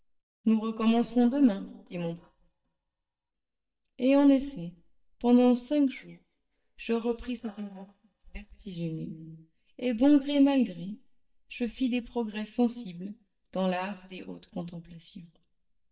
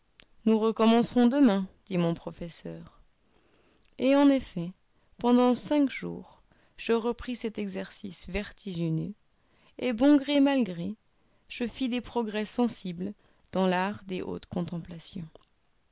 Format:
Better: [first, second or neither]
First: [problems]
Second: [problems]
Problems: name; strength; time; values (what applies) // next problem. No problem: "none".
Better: second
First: noise reduction (neural mask model DeepFilterNet 3)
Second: none